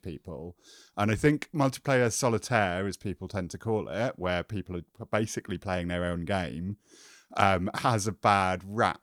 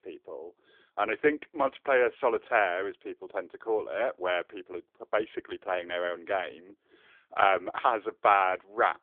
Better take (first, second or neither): first